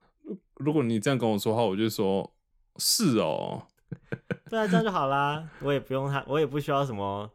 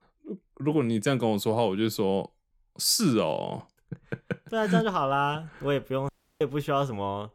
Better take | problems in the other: first | audio cutting out; at 6 s

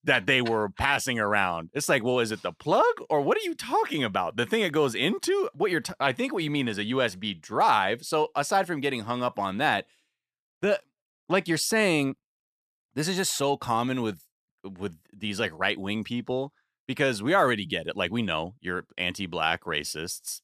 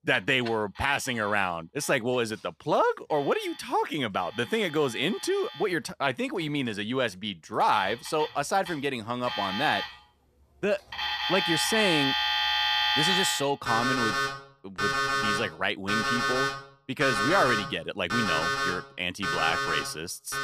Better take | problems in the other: first | alarms or sirens; very loud; throughout; 1 dB above the speech

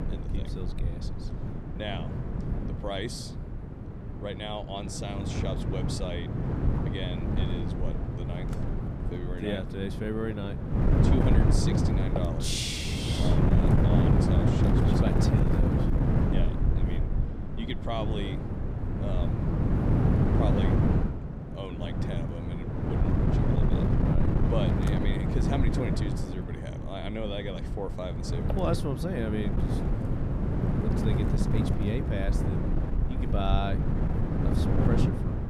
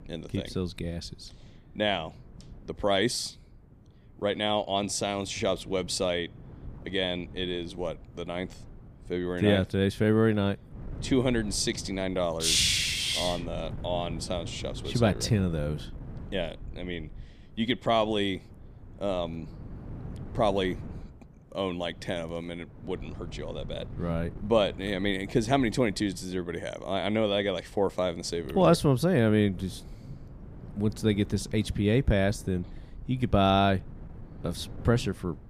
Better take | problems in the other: second | wind noise on the microphone; heavy; 1 dB above the speech; occasional gusts in the second

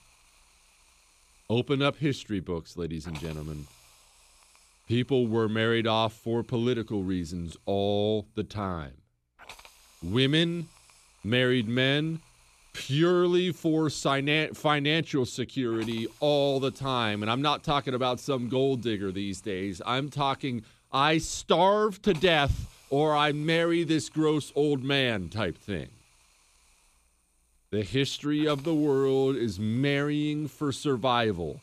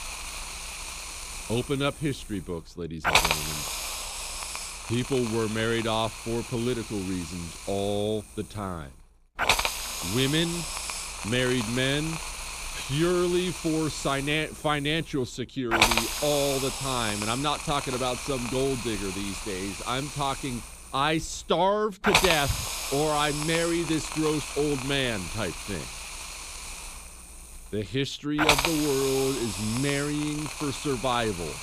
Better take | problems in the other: first | hiss; loud; throughout; 2 dB below the speech; faint in the first

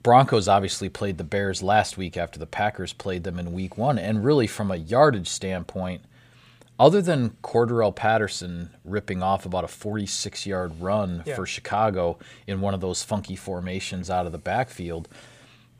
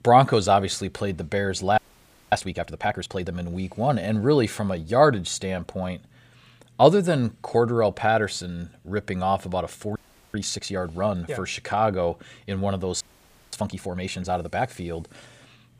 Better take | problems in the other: first | audio freezing; at 2 s for 0.5 s, at 10 s and at 13 s for 0.5 s

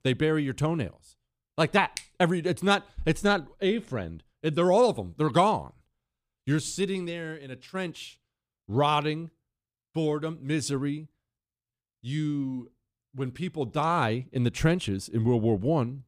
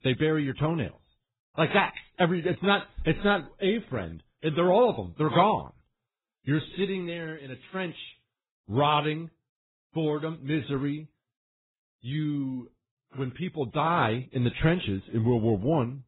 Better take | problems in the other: first | garbled, watery; badly; nothing above 4 kHz

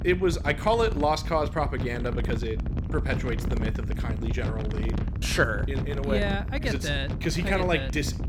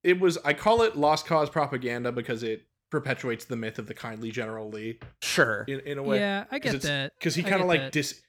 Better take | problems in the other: second | wind noise on the microphone; occasional gusts; 10 dB below the speech

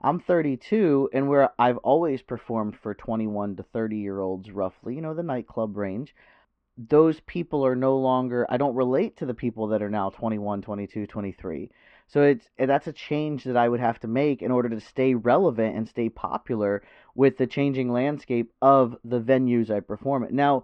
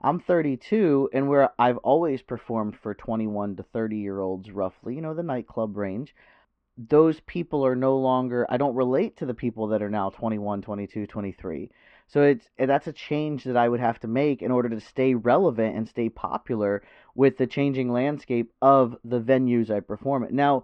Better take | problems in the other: neither | muffled; very; fading above 2.5 kHz; the same in both

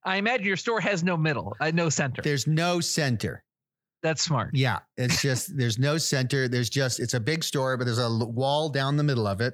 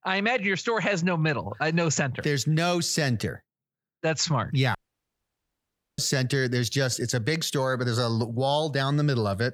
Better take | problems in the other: first | audio cutting out; at 5 s for 1 s

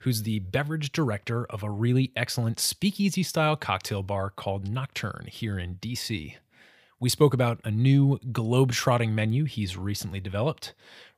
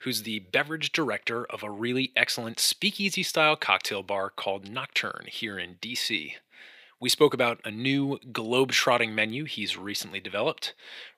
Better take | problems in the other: first | thin; somewhat; fading below 350 Hz

